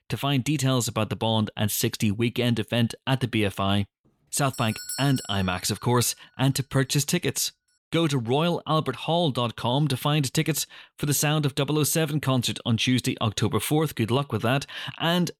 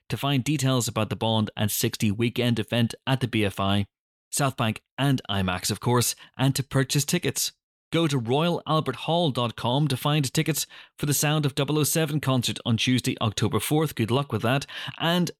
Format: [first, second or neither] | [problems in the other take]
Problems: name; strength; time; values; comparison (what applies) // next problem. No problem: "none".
second | doorbell; noticeable; at 4.5 s; peak 8 dB below the speech